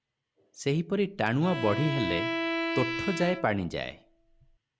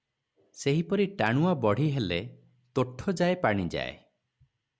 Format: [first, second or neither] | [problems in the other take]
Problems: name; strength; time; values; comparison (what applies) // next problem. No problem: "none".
second | background sound (Bowed string instrument); 4 dB below the speech